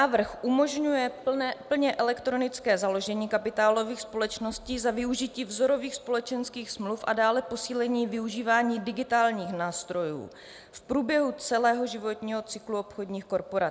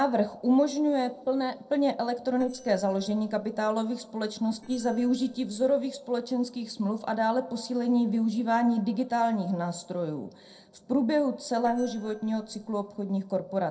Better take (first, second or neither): first